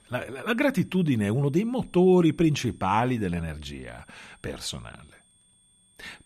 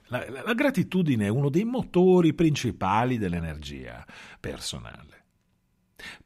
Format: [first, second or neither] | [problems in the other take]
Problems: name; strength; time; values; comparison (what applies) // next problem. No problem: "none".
second | high-pitched whine; faint; throughout; 8.5 kHz, 35 dB below the speech